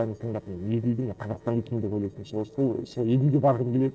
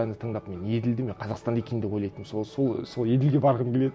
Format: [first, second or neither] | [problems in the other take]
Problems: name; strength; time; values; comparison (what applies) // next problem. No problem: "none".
second | noise reduction (neural separator model SepFormer DNS4)